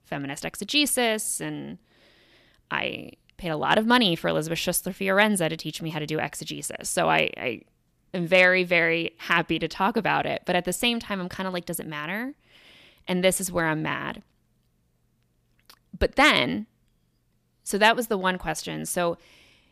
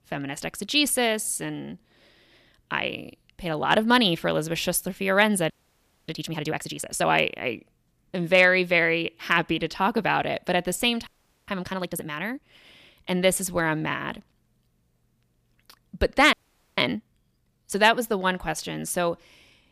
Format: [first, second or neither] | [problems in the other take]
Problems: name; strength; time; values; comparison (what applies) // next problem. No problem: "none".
first | audio freezing; at 5.5 s for 0.5 s, at 11 s and at 16 s